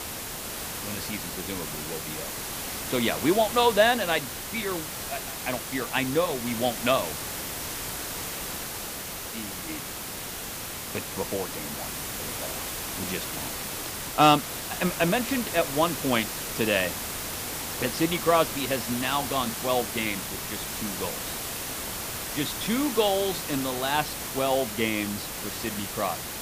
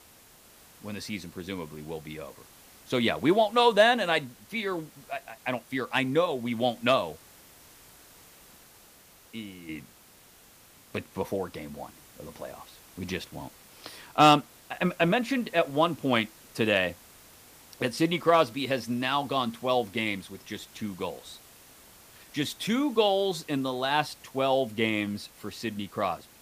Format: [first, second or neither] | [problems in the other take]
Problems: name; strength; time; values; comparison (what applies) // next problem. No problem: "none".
second | hiss; loud; throughout; 5 dB below the speech; faint in the second